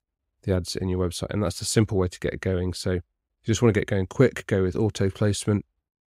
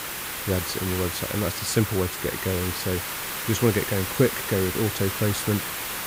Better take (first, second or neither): first